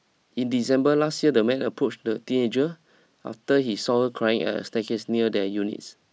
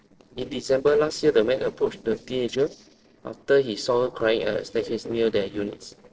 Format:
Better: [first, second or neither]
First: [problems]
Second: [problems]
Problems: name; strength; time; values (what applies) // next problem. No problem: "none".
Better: first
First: none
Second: noise reduction (neural separator model SepFormer DNS4)